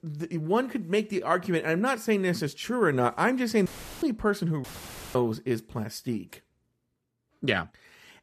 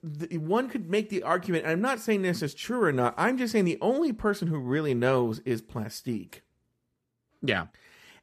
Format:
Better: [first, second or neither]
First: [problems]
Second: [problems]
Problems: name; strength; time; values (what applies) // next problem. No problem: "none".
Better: second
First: audio cutting out; filled with static; at 3.5 s and at 4.5 s for 0.5 s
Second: none